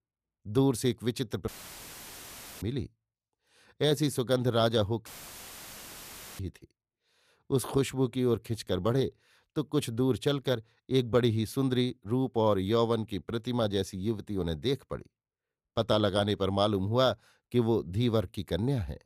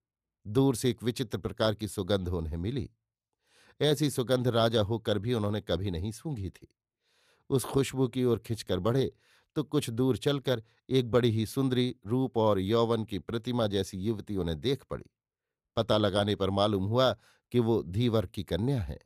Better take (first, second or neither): second